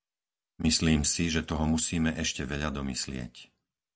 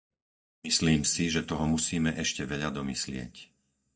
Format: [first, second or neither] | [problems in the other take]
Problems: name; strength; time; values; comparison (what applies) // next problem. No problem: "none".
first | noise reduction (neural mask model DeepFilterNet 3)